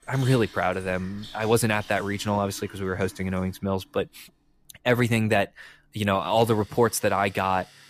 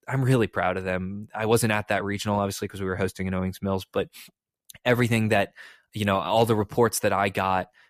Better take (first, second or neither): second